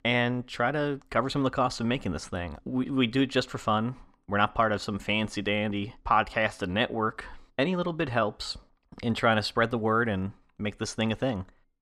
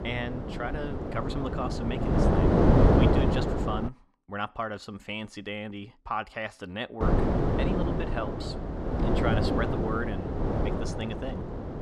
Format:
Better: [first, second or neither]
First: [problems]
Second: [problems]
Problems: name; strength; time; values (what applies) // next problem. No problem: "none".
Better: first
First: none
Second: wind noise on the microphone; heavy; until 4 s and from 7 s on; 4 dB above the speech